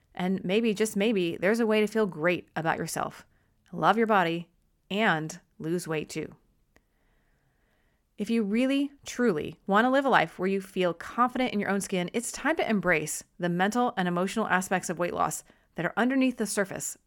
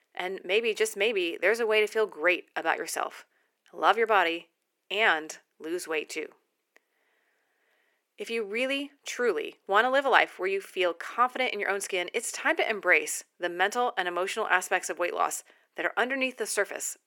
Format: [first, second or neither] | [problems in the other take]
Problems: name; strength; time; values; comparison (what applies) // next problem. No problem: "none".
first | thin; very; fading below 350 Hz